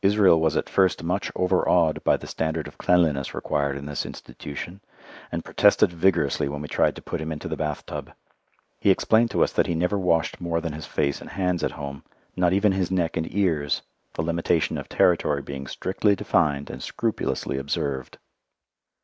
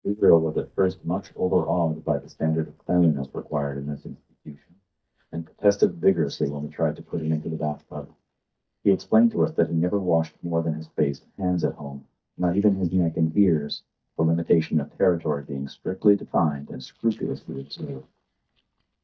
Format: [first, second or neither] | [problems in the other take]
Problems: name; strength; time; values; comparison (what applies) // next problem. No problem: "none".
first | noise reduction (neural mask model DeepFilterNet 3)